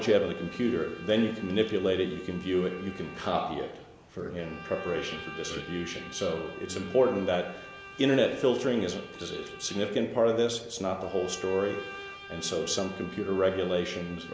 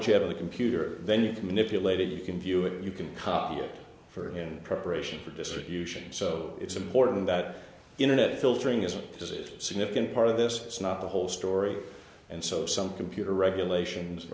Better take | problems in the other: second | background sound (Bowed string instrument); 16 dB below the speech

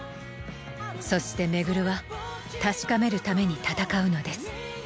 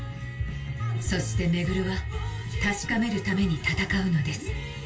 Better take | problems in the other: first | room echo; dies away in 0.2 s

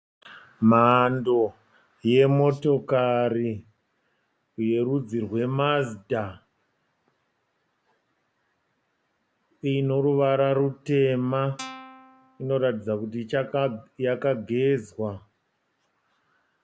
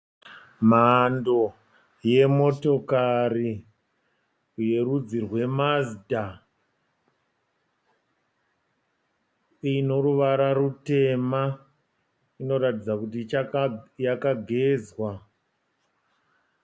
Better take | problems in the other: second | background sound (Guitar); 16 dB below the speech

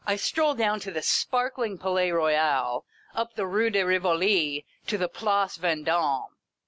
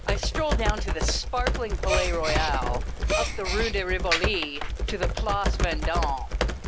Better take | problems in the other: first | background sound (Computer keyboard + Gasp); 3 dB above the speech

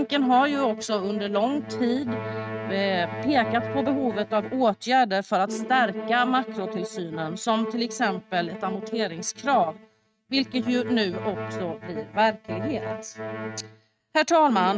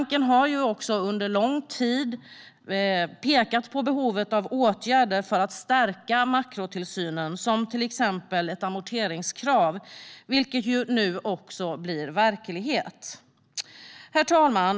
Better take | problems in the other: second | noise reduction (neural mask model RNNoise)

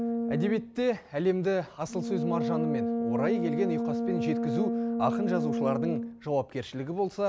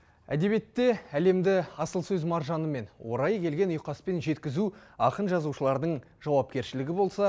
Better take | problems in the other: second | background sound (Brass instrument); as loud as the speech

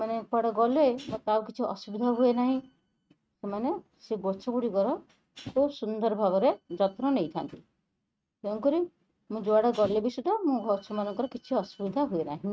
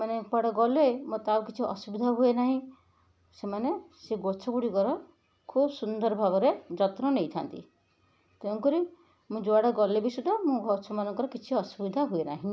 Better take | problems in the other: second | noise reduction (neural mask model RNNoise)

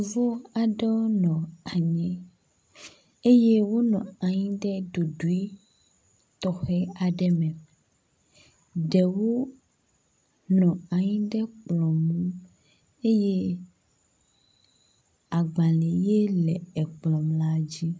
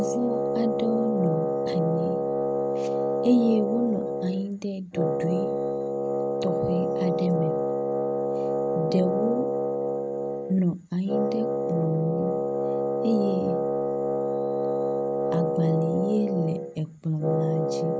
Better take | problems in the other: first | background sound (Wind instrument, woodwind instrument); 2 dB above the speech

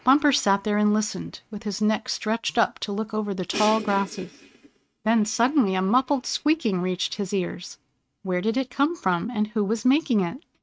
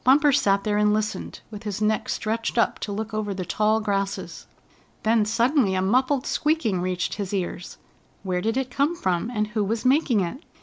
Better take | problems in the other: second | noise reduction (neural mask model RNNoise)

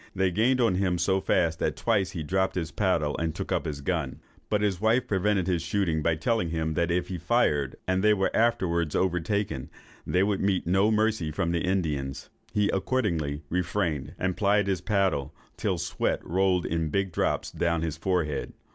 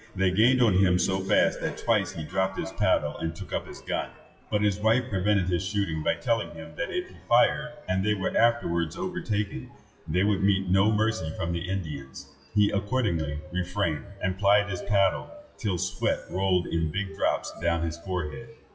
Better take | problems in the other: first | noise reduction (classical method WPE with log-MMSE)

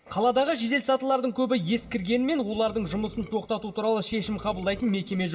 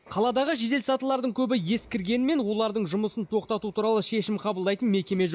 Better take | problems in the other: second | background sound (Burping, eructation); 18 dB below the speech // room echo; dies away in 0.4 s

